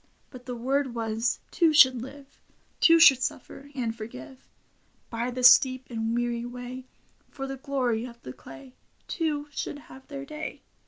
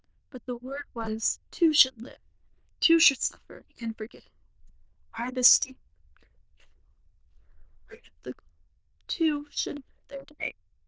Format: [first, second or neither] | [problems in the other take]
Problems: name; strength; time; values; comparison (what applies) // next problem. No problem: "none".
first | noise reduction (neural diffusion model UNIVERSE++)